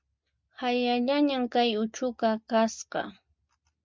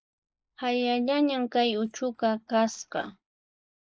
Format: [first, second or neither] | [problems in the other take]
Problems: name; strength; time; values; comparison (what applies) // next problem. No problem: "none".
first | noise reduction (neural mask model Resemble Enhance denoiser)